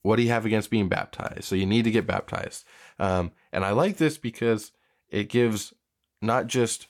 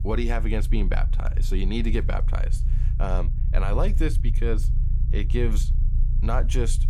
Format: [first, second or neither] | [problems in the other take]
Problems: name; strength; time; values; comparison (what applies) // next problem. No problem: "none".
first | low rumble; noticeable; throughout; 10 dB below the speech